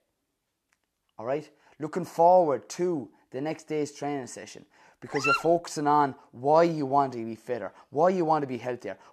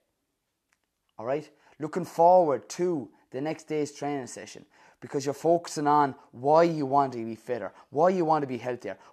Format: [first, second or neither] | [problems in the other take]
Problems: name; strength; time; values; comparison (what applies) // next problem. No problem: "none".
second | dog barking; loud; at 5 s; peak 1 dB above the speech